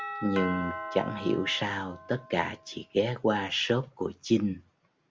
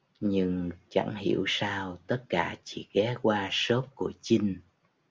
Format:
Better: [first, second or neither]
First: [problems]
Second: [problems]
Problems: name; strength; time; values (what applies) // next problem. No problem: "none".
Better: second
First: background sound (Doorbell); 12 dB below the speech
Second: none